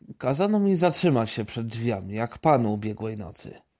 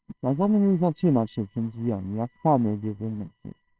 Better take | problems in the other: first | noise reduction (neural separator model SepFormer WHAMR!)

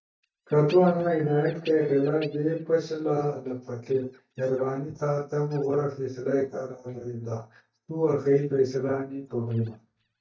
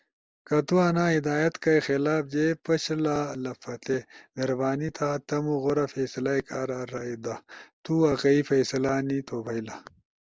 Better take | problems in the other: second | noise reduction (neural mask model DeepFilterNet 3)

